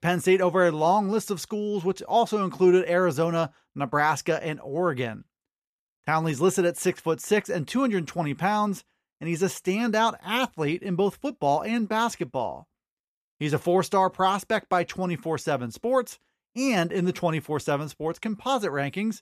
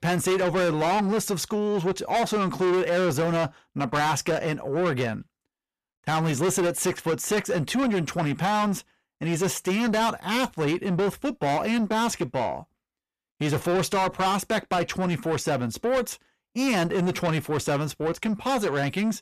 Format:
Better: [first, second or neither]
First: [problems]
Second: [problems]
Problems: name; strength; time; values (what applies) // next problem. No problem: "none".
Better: first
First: none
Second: distortion; heavy; 7 dB below the speech